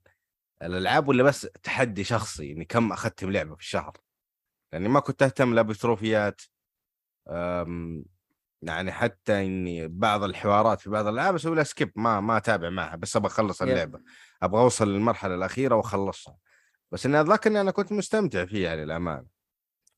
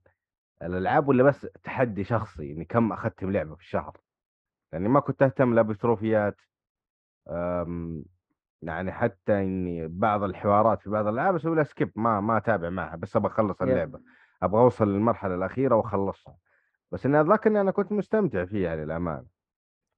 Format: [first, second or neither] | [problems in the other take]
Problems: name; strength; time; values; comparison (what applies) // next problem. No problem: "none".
first | muffled; very; fading above 4 kHz